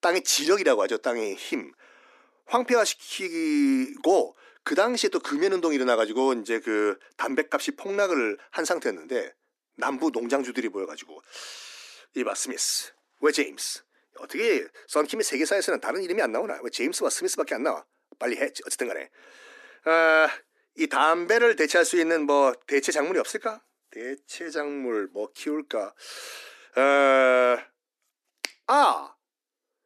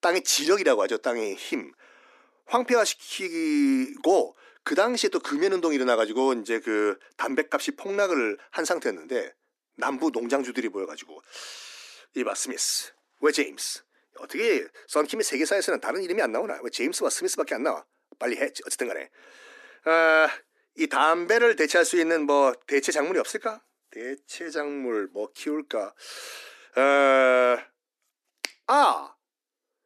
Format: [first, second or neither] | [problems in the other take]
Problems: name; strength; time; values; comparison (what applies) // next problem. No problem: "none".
neither | thin; somewhat; fading below 250 Hz; the same in both